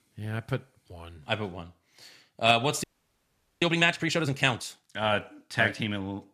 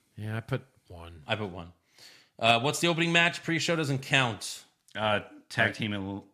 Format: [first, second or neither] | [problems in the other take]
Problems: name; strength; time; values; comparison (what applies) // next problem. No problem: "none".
second | audio freezing; at 3 s for 1 s